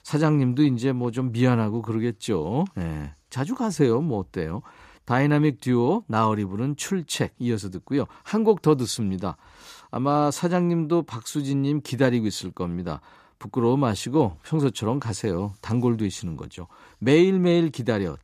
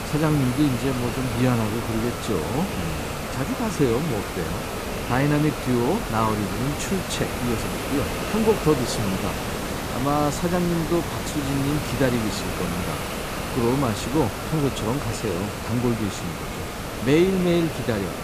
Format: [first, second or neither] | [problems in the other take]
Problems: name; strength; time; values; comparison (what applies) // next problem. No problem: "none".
first | hiss; loud; throughout; 4 dB below the speech